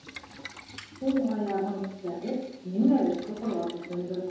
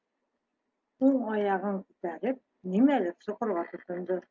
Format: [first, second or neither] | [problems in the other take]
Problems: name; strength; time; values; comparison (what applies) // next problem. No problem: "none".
second | background sound (Boiling); 18 dB below the speech // room echo; dies away in 0.9 s